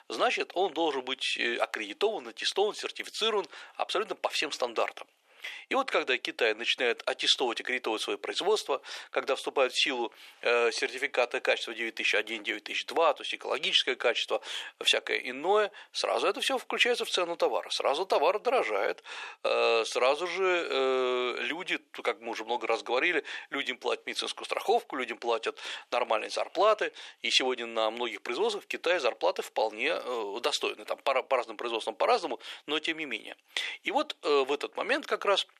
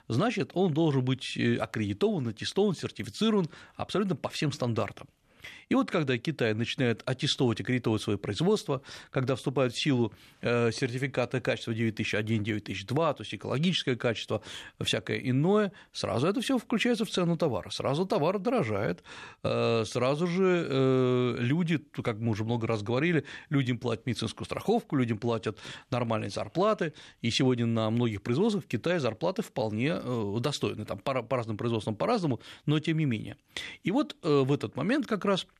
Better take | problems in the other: second | thin; very; fading below 400 Hz

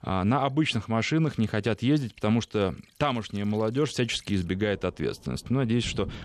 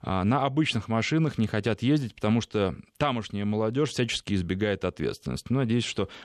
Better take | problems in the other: second | rain or running water; faint; throughout; 20 dB below the speech

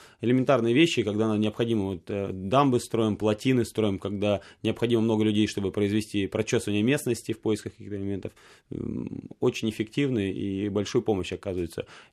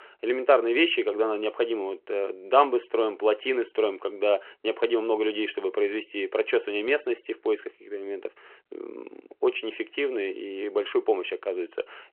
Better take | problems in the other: first | phone-call audio

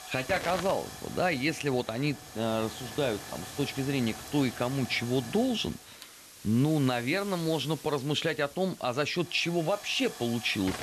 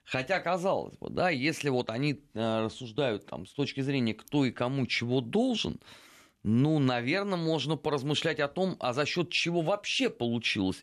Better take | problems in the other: second | hiss; noticeable; throughout; 15 dB below the speech

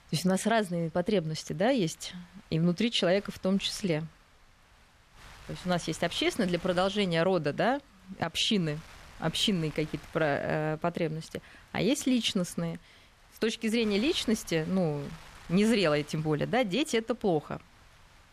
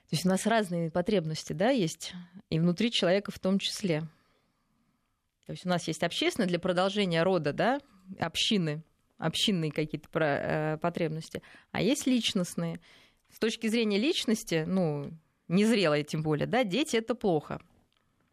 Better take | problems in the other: second | wind noise on the microphone; occasional gusts; 20 dB below the speech

